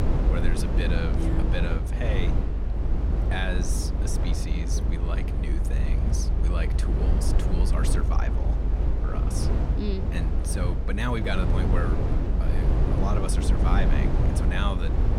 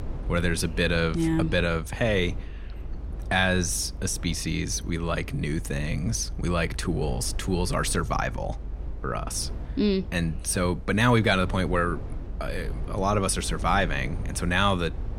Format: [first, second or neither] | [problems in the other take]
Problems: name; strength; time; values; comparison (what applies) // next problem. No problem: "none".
second | low rumble; loud; throughout; 1 dB below the speech; faint in the second